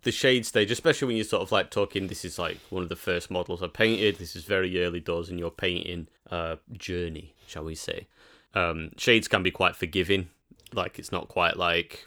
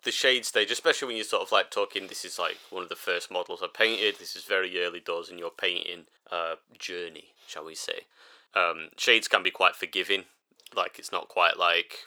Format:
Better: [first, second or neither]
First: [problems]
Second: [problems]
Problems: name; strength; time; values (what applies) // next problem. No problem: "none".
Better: first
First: none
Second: thin; very; fading below 600 Hz